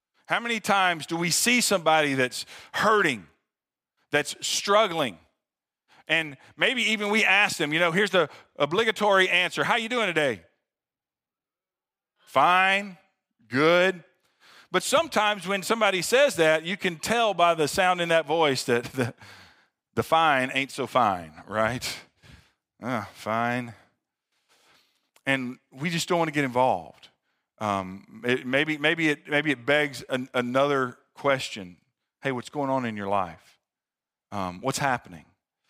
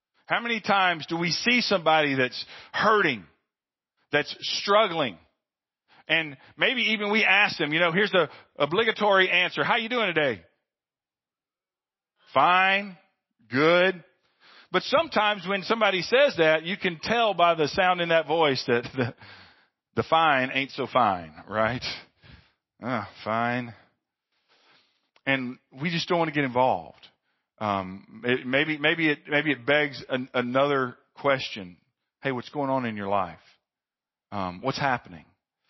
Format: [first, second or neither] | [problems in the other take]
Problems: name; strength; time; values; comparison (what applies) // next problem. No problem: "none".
first | garbled, watery; slightly; nothing above 5.5 kHz